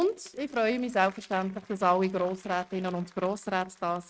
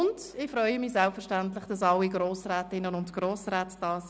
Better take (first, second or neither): second